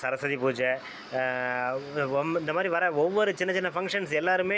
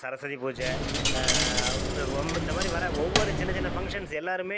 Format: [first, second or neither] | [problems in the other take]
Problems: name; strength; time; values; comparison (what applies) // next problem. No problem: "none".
first | background sound (Coin (dropping)); 4 dB above the speech